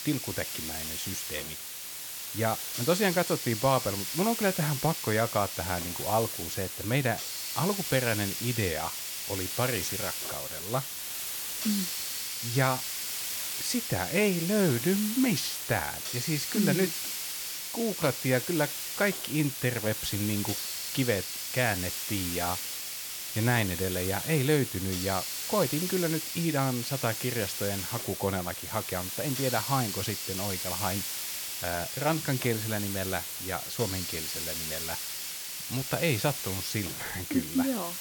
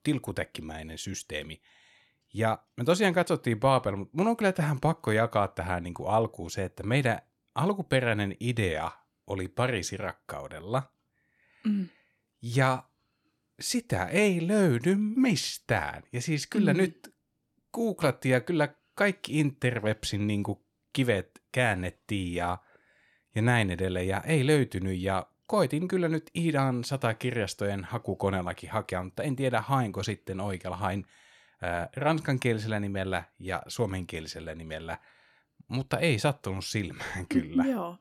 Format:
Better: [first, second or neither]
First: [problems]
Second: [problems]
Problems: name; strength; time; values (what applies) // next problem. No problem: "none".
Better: second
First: hiss; loud; throughout; 2 dB below the speech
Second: none